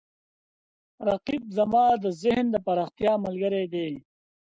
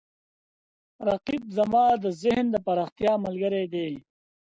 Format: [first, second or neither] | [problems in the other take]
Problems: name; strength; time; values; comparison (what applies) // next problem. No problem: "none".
second | noise reduction (neural mask model Resemble Enhance denoiser)